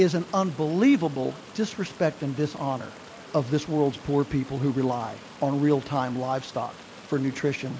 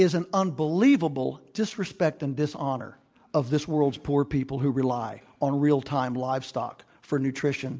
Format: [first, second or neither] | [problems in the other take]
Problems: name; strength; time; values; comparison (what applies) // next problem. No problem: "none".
second | background sound (Stream); 19 dB below the speech